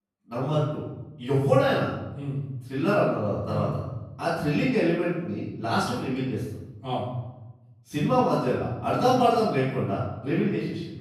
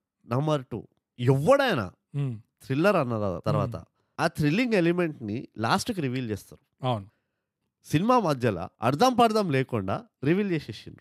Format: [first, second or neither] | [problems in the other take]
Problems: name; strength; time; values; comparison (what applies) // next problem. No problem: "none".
second | off-mic speech; far // room echo; noticeable; dies away in 0.9 s